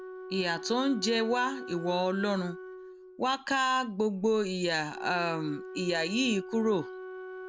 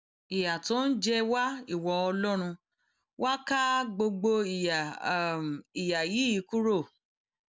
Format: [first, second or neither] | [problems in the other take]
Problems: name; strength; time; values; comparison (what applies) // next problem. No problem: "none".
second | background sound (Wind instrument, woodwind instrument); 13 dB below the speech